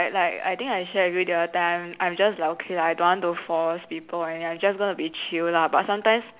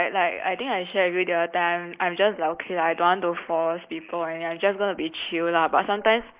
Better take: first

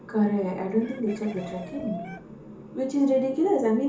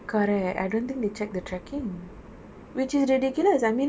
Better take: second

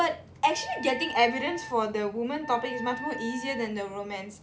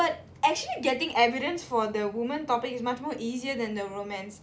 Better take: second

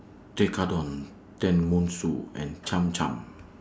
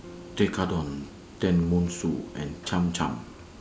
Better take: first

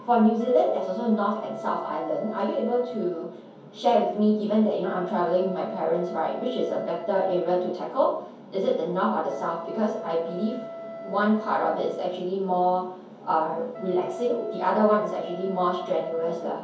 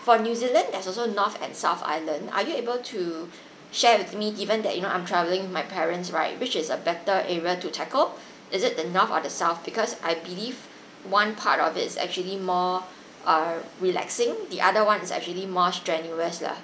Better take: second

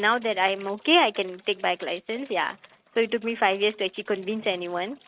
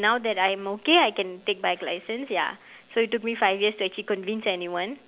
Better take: second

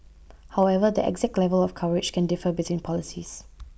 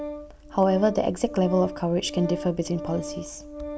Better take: first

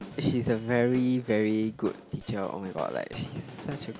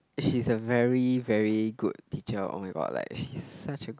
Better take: second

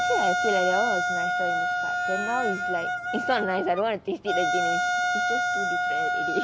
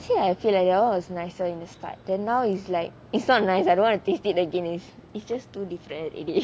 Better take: second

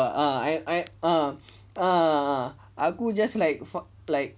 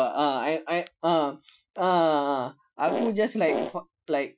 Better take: first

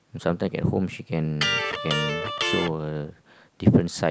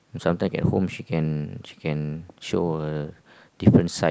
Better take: second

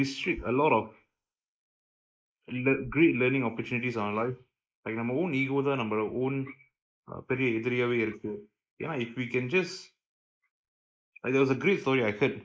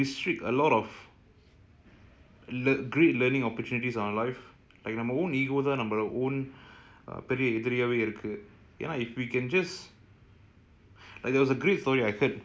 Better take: second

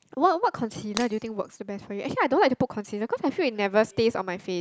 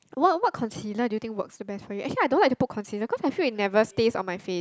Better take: second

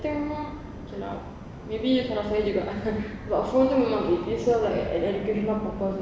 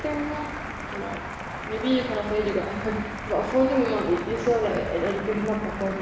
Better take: first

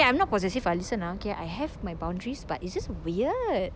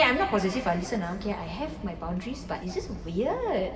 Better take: first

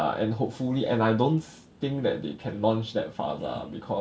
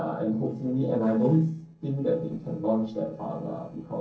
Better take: first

